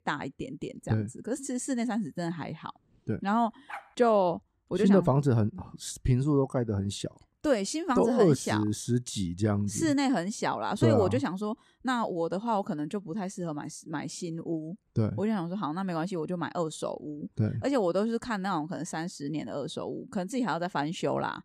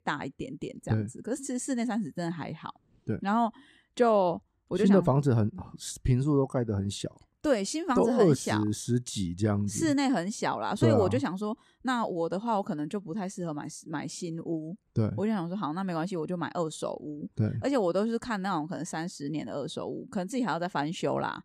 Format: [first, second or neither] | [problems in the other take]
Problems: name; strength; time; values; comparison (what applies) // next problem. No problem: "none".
second | dog barking; faint; at 3.5 s; peak 15 dB below the speech